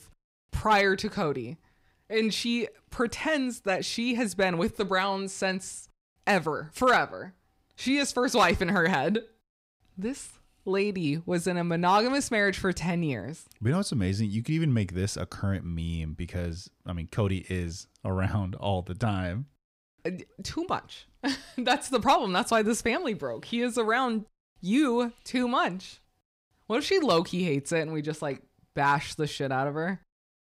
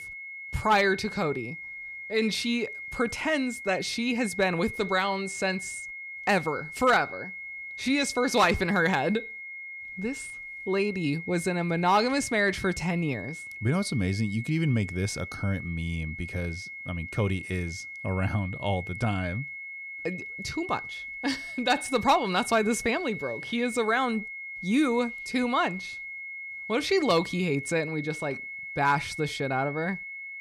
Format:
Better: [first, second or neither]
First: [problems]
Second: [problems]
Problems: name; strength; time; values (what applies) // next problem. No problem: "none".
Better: first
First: none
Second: high-pitched whine; loud; throughout; 2 kHz, 9 dB below the speech